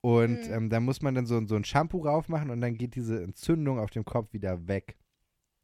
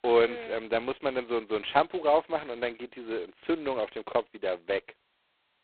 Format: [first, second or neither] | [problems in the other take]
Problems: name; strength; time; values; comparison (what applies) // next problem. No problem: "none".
first | phone-call audio; poor line; nothing above 4 kHz